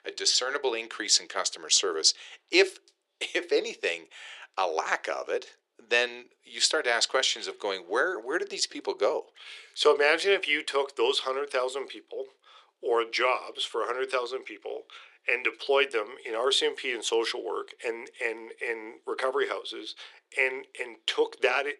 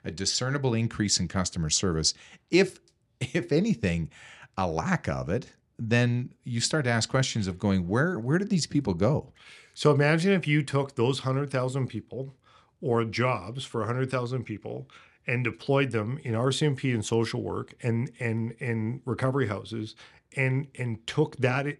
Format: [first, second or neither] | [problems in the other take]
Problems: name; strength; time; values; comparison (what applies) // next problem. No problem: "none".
second | thin; very; fading below 400 Hz